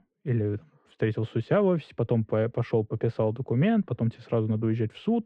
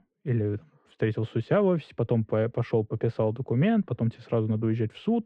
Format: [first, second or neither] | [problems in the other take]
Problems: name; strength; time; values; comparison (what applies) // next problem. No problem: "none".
neither | muffled; very; fading above 1.5 kHz; the same in both